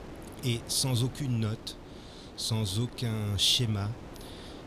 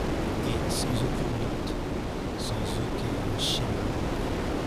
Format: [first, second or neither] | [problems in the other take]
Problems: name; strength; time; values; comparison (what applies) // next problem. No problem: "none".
first | wind noise on the microphone; heavy; 3 dB above the speech; occasional gusts in the first